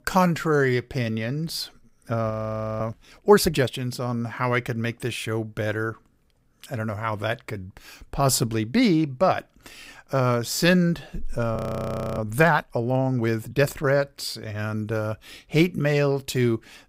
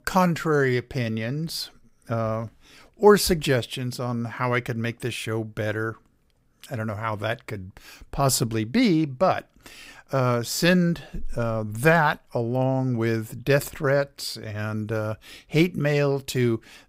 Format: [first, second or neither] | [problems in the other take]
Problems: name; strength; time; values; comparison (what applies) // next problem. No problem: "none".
second | audio freezing; at 2.5 s for 0.5 s and at 12 s for 0.5 s